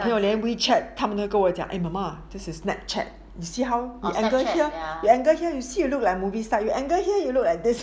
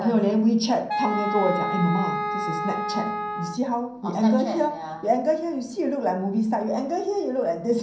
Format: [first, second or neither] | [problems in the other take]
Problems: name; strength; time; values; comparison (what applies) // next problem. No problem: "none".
first | background sound (Wind instrument, woodwind instrument); 4 dB below the speech // room echo; dies away in 0.6 s